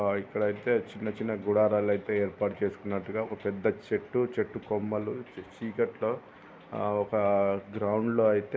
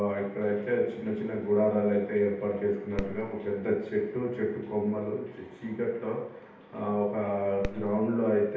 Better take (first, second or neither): first